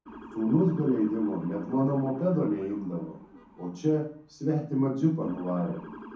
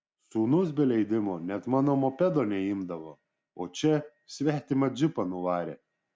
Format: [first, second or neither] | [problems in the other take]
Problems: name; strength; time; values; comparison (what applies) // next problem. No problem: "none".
second | background sound (Motor vehicle (road) / Siren); 17 dB below the speech // room echo; dies away in 0.6 s